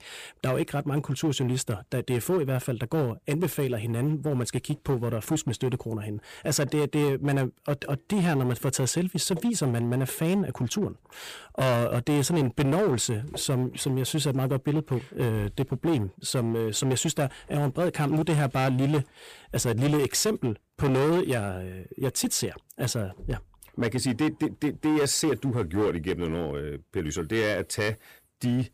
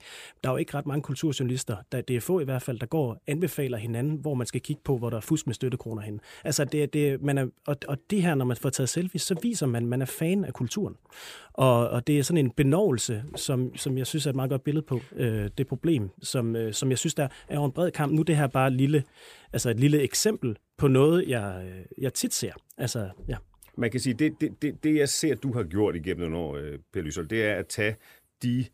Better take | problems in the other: second | distortion; slight; 11% of the sound clipped

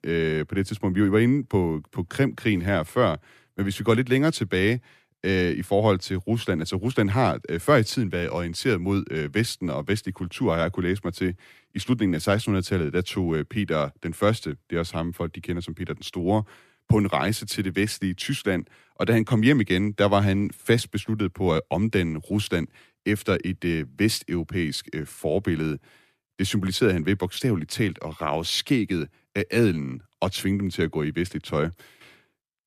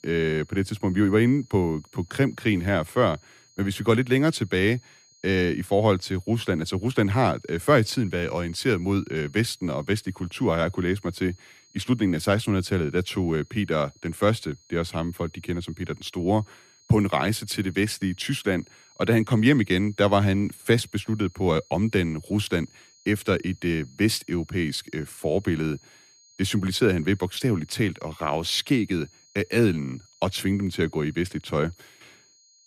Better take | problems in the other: first | high-pitched whine; faint; throughout; 6.5 kHz, 30 dB below the speech

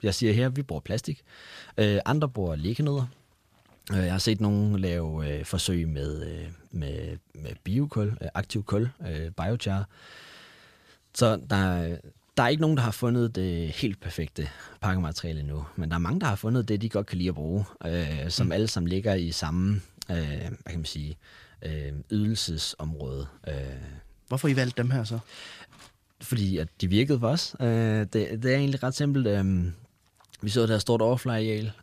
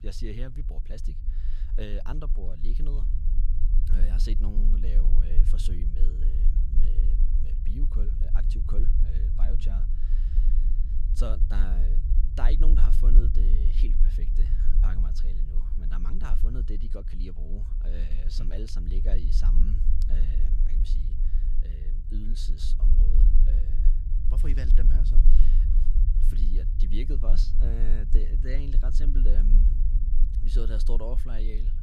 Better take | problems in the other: first | low rumble; loud; throughout; 6 dB below the speech

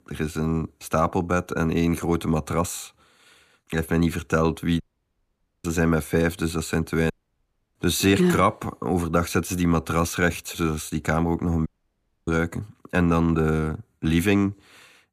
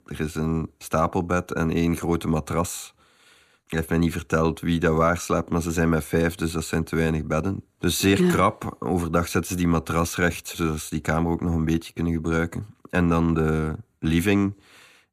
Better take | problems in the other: second | audio cutting out; at 5 s for 1 s, at 7 s for 0.5 s and at 12 s for 0.5 s

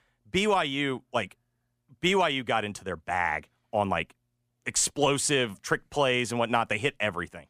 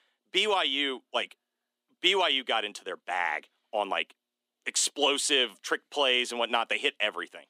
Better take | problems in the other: first | thin; very slightly; fading below 250 Hz

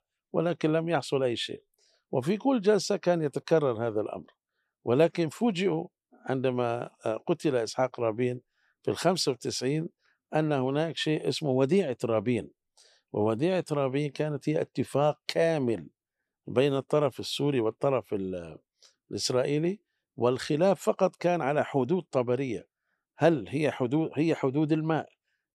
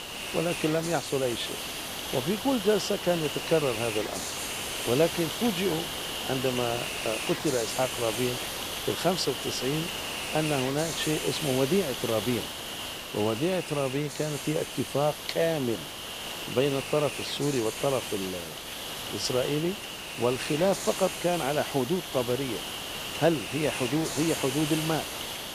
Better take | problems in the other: first | hiss; loud; throughout; 4 dB below the speech

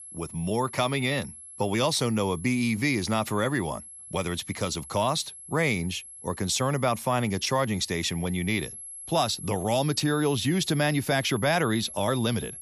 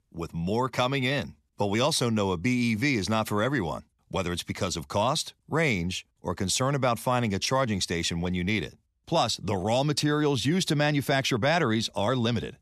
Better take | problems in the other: second | high-pitched whine; noticeable; throughout; 11 kHz, 15 dB below the speech

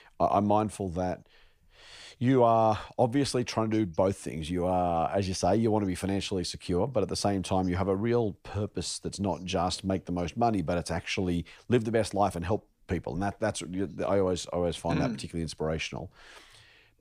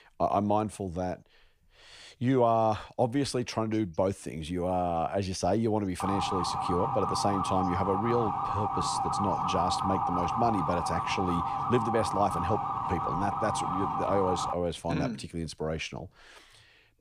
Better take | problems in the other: first | siren; loud; from 6 to 15 s; peak 1 dB above the speech

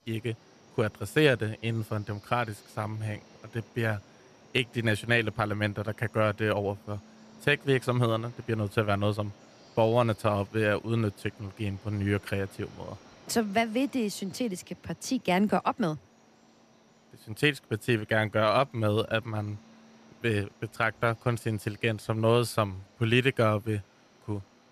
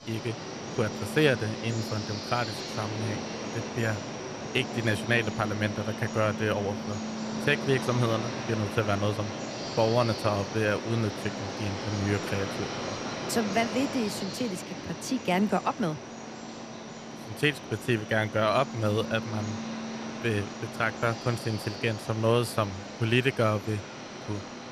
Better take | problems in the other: first | animal sounds; loud; throughout; 7 dB below the speech; faint in the first

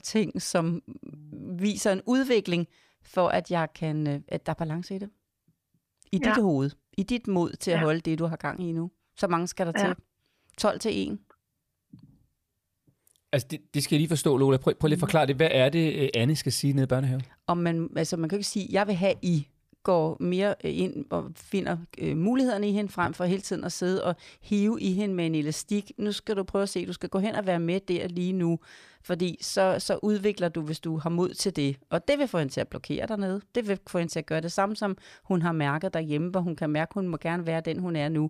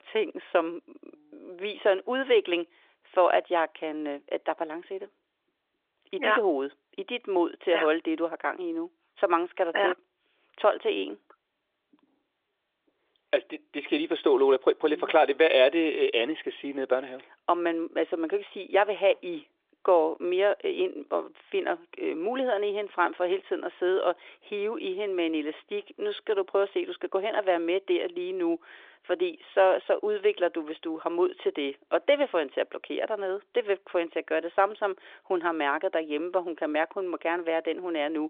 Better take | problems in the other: first | phone-call audio

